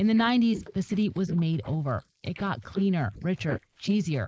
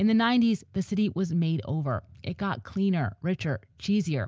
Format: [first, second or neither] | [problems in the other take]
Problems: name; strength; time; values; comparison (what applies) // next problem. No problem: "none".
second | noise reduction (neural mask model Resemble Enhance denoiser)